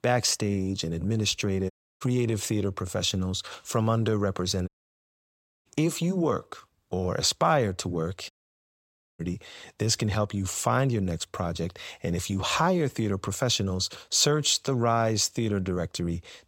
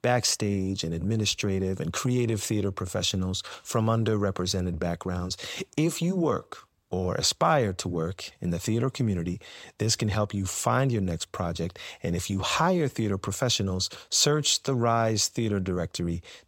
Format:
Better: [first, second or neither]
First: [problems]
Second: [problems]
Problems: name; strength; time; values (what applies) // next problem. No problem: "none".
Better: second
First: audio cutting out; at 1.5 s, at 4.5 s for 1 s and at 8.5 s for 1 s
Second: none